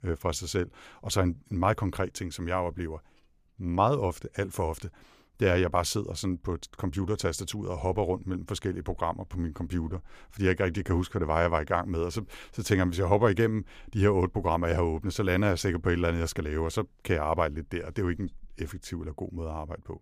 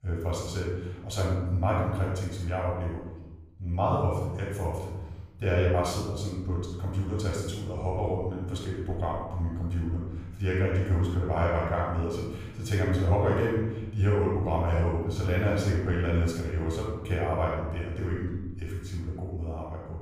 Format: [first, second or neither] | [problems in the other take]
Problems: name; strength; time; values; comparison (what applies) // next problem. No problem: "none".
first | off-mic speech; far // room echo; noticeable; dies away in 1.1 s